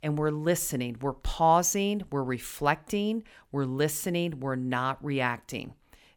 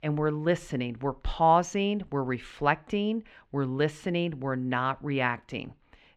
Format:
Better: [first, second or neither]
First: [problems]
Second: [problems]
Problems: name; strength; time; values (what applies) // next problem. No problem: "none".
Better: first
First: none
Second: muffled; slightly; fading above 3 kHz